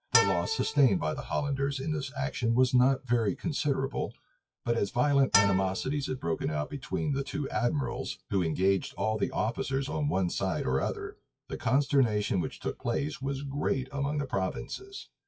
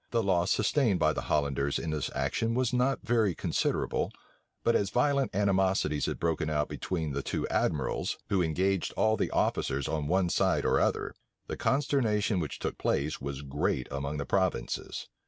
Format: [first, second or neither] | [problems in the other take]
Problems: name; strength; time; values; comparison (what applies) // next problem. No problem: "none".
second | noise reduction (classical method WPE with log-MMSE)